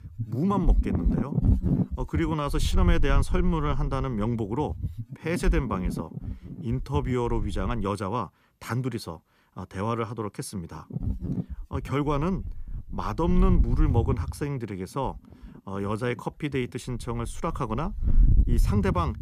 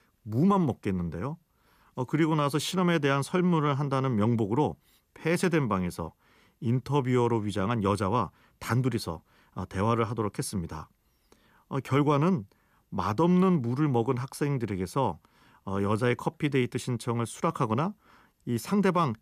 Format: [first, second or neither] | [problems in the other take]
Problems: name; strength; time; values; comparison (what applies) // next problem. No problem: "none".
second | wind noise on the microphone; heavy; until 8 s and from 11 s on; 9 dB below the speech